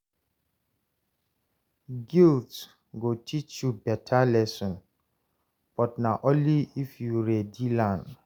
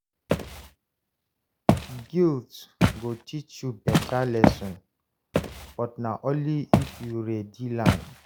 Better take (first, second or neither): first